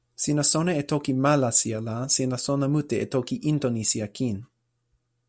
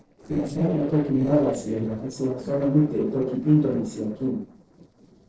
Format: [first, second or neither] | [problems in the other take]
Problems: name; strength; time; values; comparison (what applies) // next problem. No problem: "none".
first | noise reduction (neural separator model SepFormer DNS4)